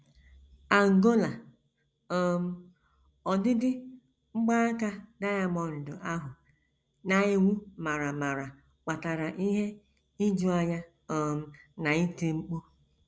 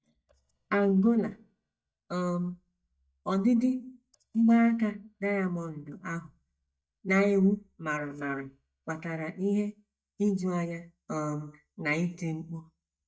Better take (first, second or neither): first